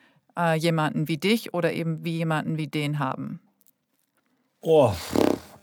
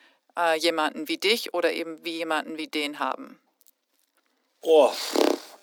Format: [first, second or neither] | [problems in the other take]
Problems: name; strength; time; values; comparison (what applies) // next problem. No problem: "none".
first | thin; somewhat; fading below 300 Hz